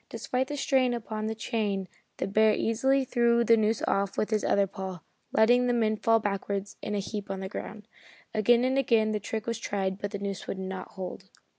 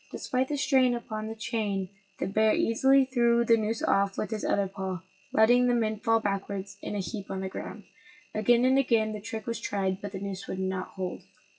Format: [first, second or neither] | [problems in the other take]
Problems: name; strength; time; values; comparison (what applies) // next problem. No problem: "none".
first | noise reduction (classical method WPE with log-MMSE)